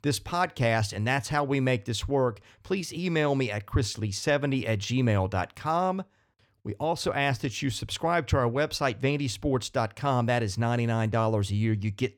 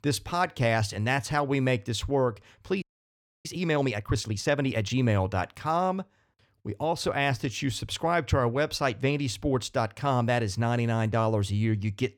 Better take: first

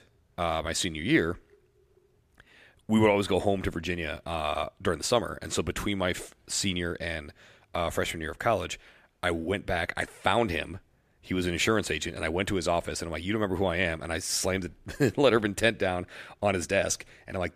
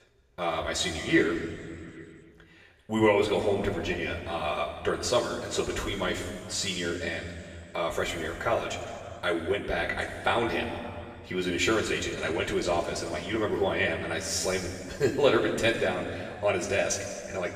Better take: first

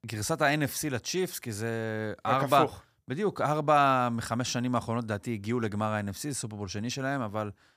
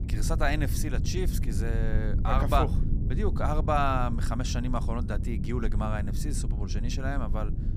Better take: first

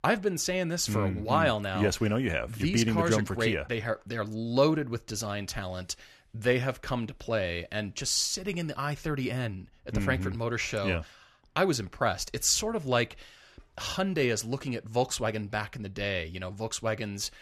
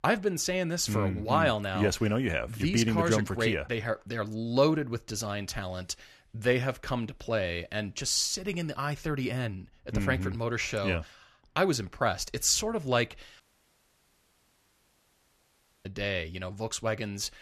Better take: first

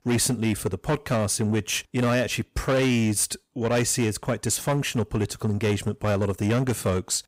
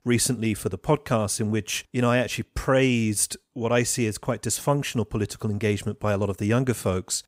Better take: second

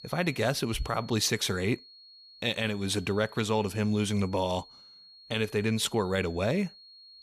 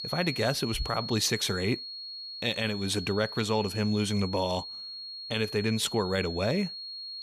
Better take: first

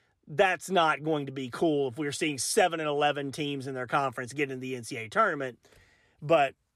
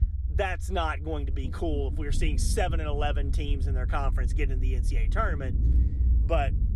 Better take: first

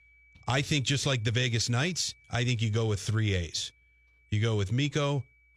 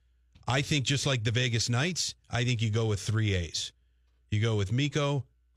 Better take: second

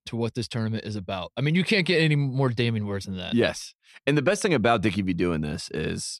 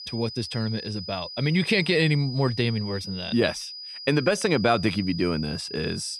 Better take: first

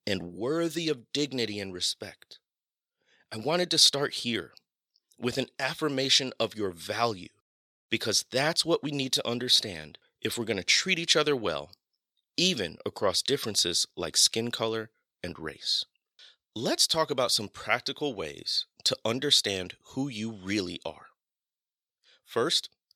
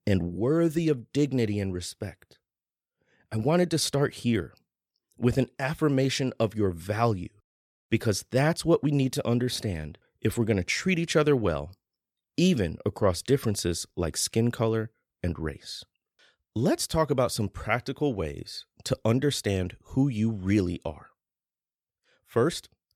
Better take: second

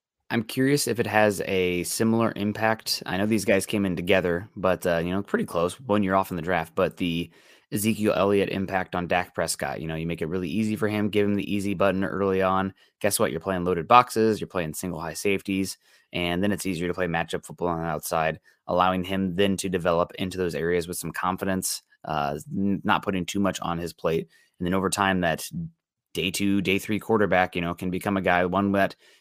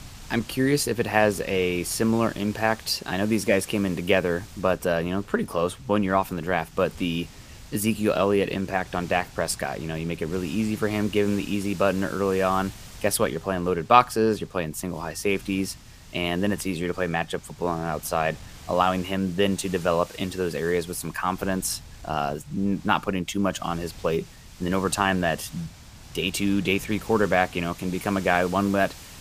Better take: first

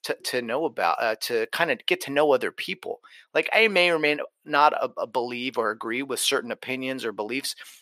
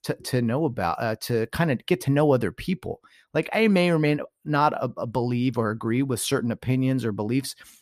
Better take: second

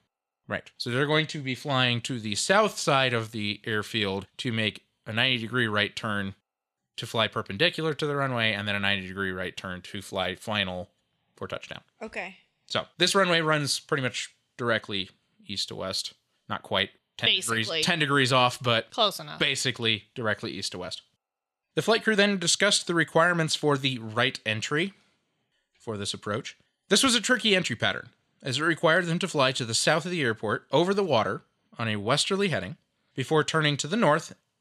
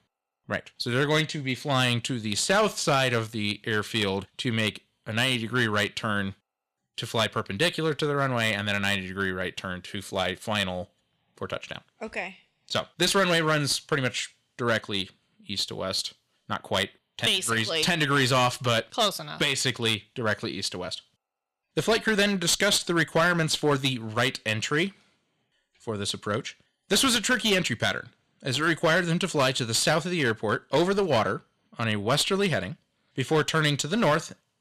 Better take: first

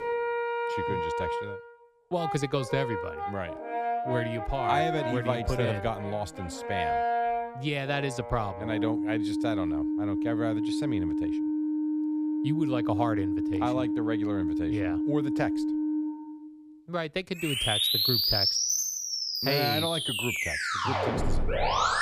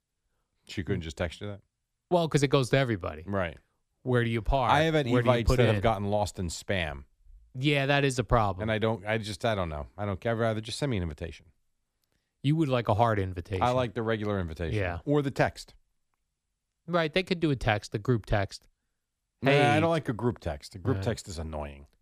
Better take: second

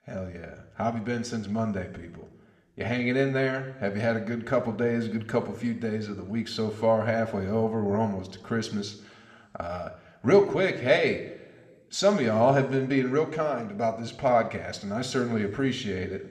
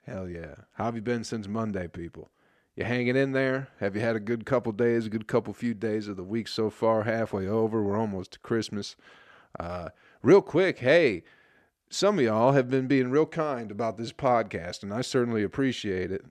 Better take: second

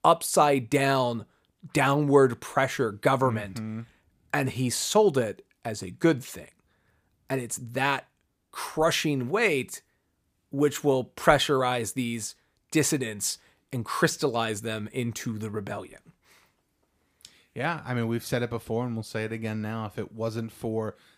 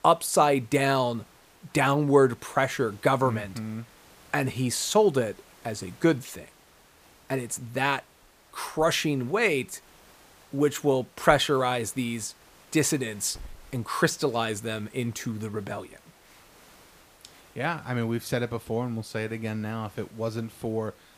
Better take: first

